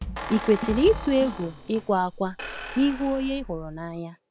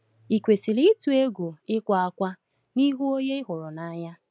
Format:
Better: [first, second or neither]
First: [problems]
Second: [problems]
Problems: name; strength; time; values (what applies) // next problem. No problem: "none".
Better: second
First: background sound (Squeak + Bass drum / Drum kit); 10 dB below the speech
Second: none